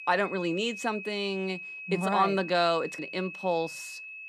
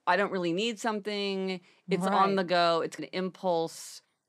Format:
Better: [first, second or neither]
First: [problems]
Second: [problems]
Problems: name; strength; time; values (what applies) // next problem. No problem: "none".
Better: second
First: high-pitched whine; loud; throughout; 2.5 kHz, 10 dB below the speech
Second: none